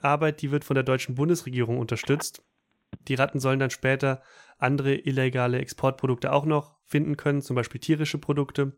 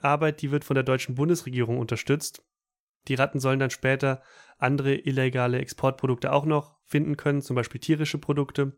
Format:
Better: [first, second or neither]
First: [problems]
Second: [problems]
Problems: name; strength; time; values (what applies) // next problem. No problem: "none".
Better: second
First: phone ringing; faint; from 2 to 3.5 s; peak 15 dB below the speech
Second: none